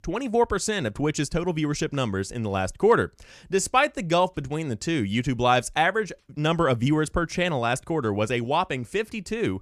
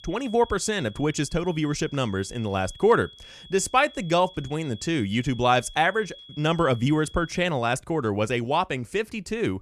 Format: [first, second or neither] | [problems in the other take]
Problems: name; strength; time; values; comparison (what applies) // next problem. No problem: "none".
first | high-pitched whine; faint; until 7.5 s; 3.5 kHz, 20 dB below the speech